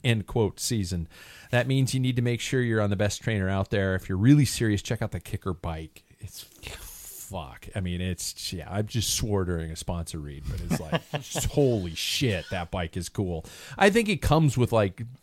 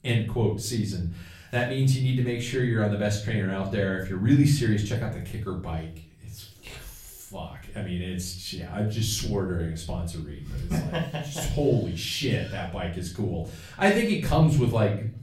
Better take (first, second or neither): first